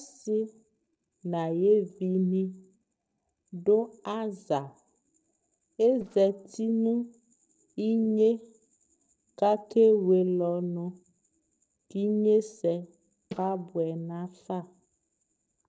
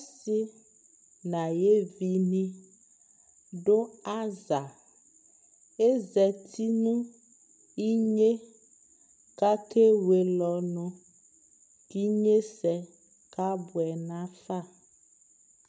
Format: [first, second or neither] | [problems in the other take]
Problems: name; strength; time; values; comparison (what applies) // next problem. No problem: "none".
second | noise reduction (neural separator model SepFormer DNS4)